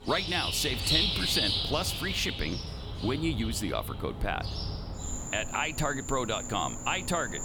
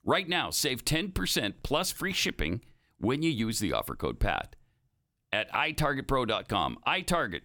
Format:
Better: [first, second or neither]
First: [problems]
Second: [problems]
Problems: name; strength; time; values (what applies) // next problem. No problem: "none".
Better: second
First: animal sounds; loud; throughout; 1 dB below the speech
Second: none